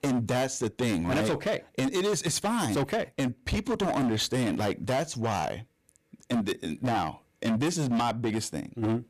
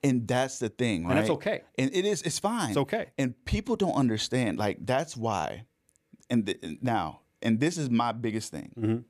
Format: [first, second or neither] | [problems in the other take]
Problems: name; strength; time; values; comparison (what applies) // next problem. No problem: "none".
second | distortion; heavy; 19% of the sound clipped